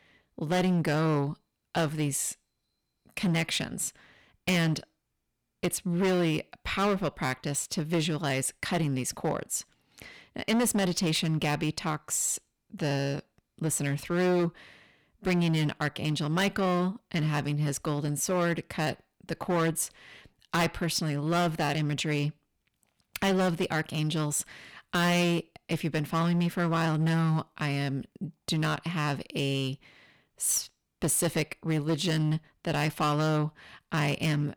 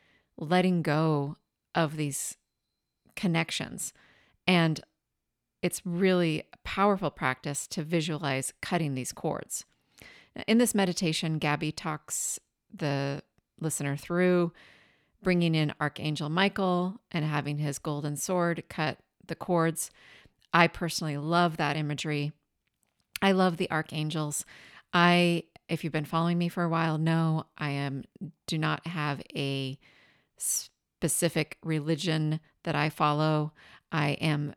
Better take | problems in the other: second | distortion; heavy; 9% of the sound clipped

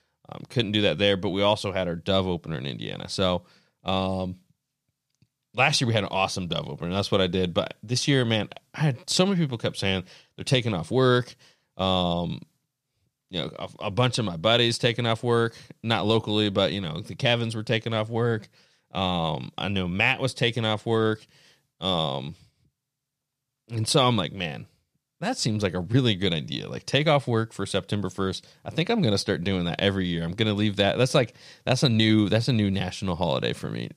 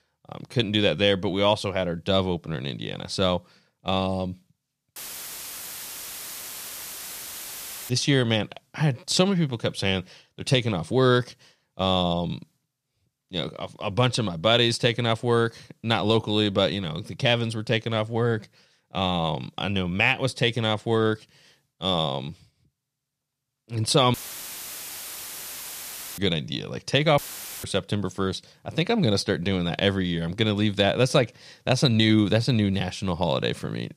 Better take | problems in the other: first | audio cutting out; filled with static; at 5 s for 3 s, at 24 s for 2 s and at 27 s

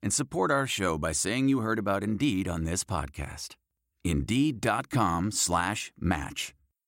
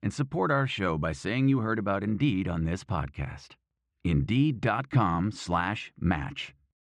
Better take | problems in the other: first | muffled; slightly; fading above 2.5 kHz

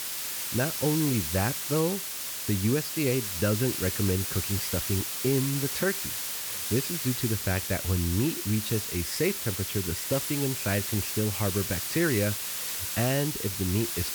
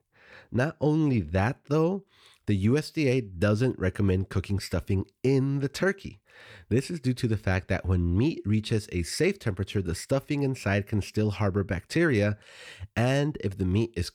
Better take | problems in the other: second | hiss; loud; throughout; 1 dB below the speech

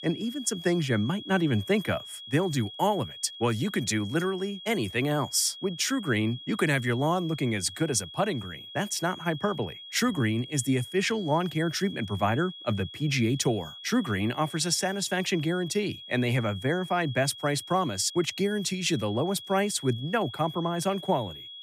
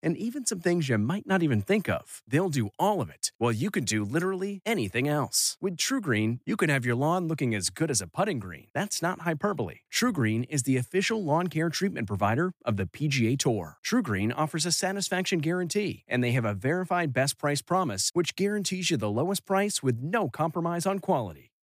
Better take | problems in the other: second | high-pitched whine; noticeable; throughout; 3.5 kHz, 15 dB below the speech

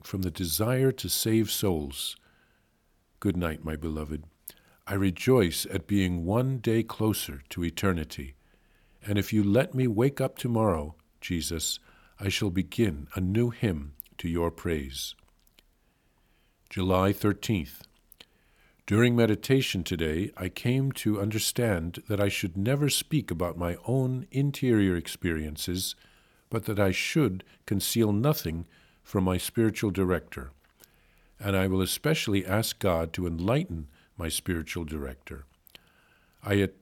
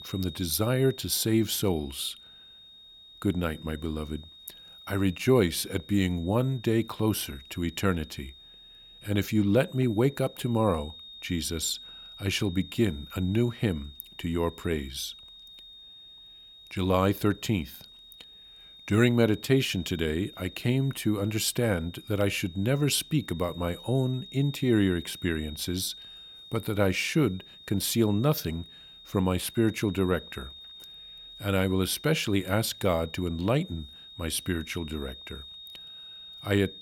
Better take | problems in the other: first | high-pitched whine; noticeable; throughout; 3.5 kHz, 15 dB below the speech

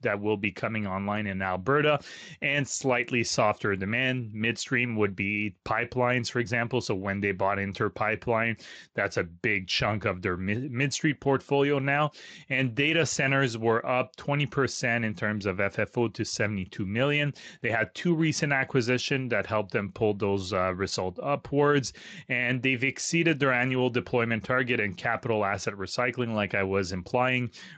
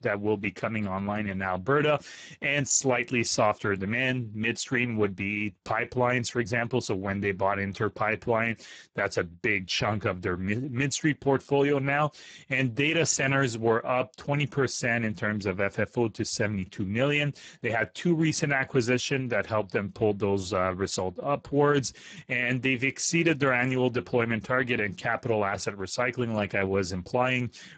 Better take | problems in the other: first | garbled, watery; badly; nothing above 7.5 kHz; slightly in the first

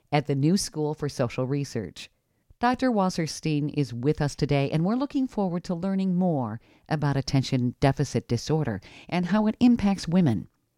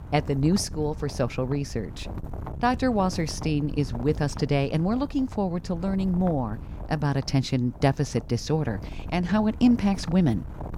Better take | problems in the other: first | wind noise on the microphone; occasional gusts; 15 dB below the speech

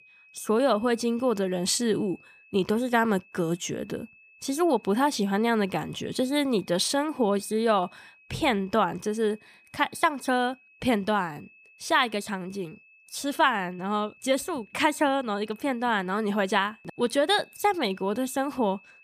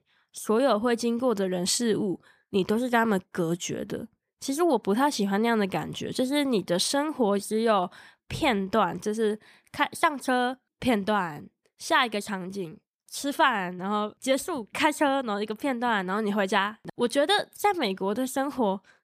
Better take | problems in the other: second | high-pitched whine; faint; throughout; 2.5 kHz, 30 dB below the speech

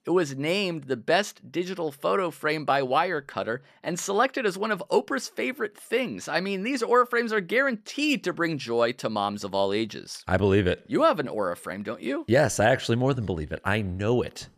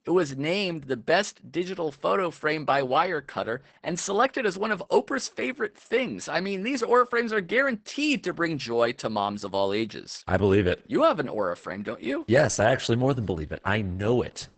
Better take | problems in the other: first | garbled, watery; badly; nothing above 8 kHz

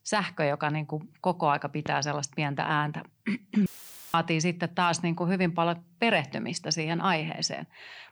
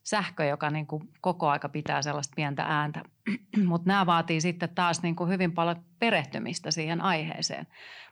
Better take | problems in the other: second | audio cutting out; filled with static; at 3.5 s

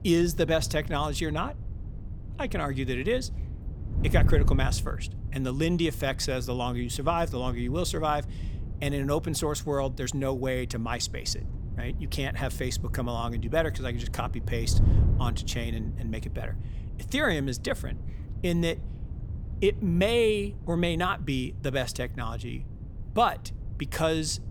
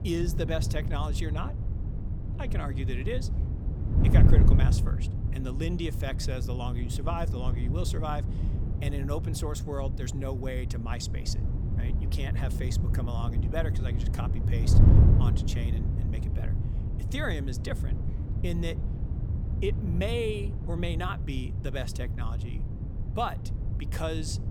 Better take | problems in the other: first | wind noise on the microphone; heavy; 5 dB below the speech; occasional gusts in the first

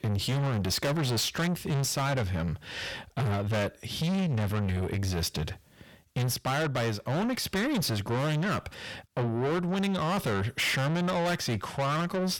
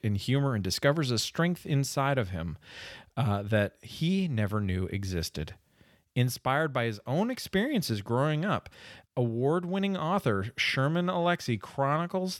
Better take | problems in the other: second | distortion; heavy; 5 dB below the speech

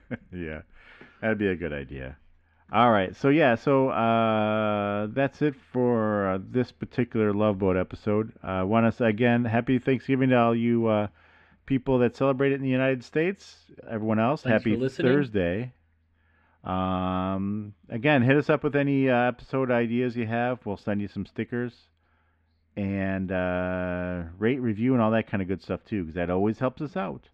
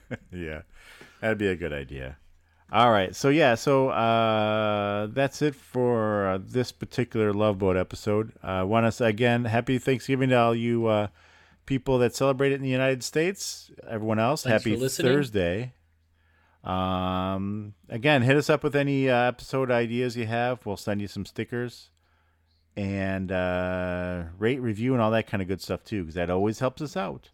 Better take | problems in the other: second | muffled; slightly; fading above 2.5 kHz

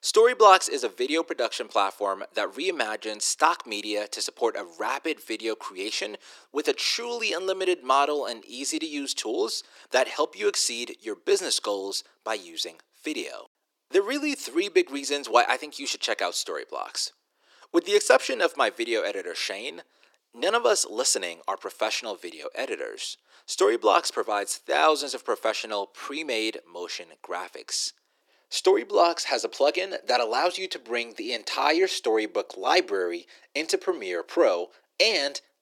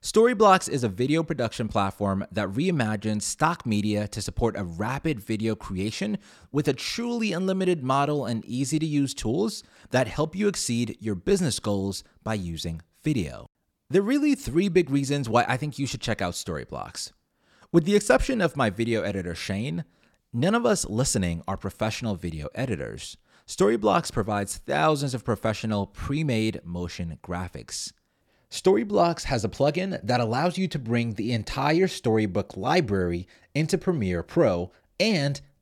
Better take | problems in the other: second | thin; very; fading below 350 Hz

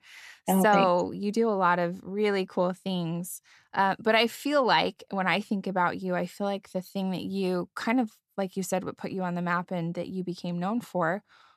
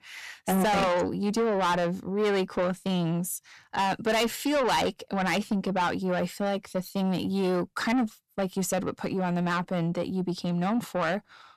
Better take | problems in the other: first | distortion; heavy; 6 dB below the speech

